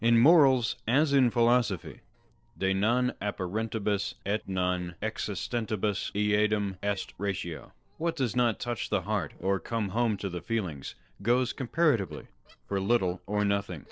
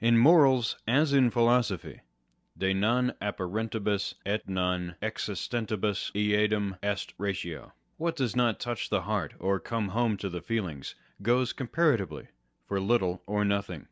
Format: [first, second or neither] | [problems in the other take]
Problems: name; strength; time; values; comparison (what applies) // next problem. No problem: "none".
second | noise reduction (neural separator model SepFormer DNS4)